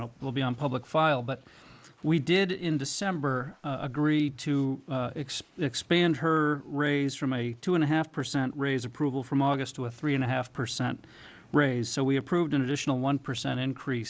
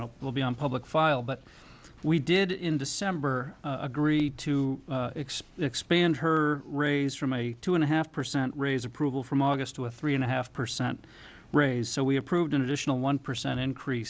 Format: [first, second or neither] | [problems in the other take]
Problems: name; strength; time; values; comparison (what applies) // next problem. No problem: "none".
second | noise reduction (neural mask model Resemble Enhance denoiser)